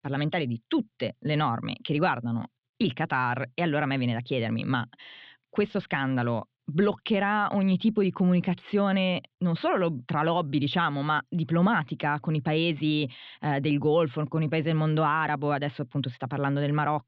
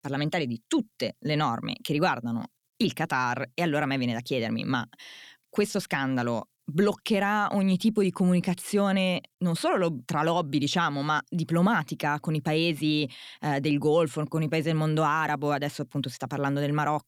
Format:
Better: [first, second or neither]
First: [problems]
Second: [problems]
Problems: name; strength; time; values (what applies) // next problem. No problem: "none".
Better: second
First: muffled; slightly; fading above 3.5 kHz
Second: none